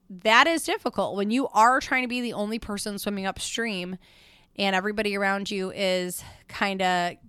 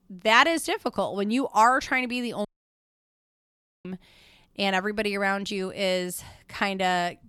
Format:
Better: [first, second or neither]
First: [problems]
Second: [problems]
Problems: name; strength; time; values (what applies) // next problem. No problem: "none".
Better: first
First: none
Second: audio cutting out; at 2.5 s for 1.5 s